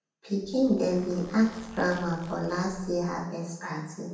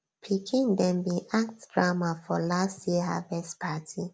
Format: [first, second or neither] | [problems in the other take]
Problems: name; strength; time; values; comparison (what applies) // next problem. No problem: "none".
second | background sound (Zipper (clothing)); 20 dB below the speech // room echo; dies away in 0.9 s